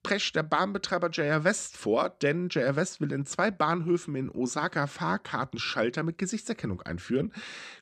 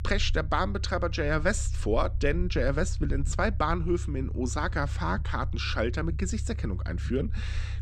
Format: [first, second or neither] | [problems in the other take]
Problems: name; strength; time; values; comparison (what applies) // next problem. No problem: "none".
first | low rumble; faint; throughout; 20 dB below the speech